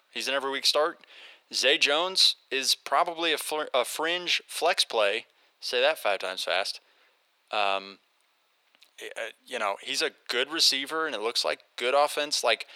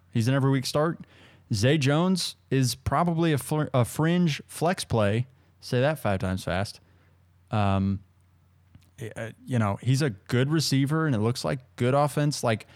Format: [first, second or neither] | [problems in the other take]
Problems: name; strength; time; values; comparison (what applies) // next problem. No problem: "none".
second | thin; very; fading below 450 Hz